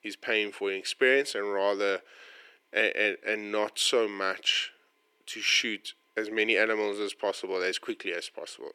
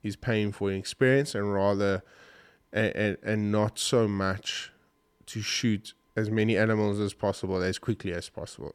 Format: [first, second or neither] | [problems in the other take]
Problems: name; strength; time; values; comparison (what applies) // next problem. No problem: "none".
second | thin; very; fading below 350 Hz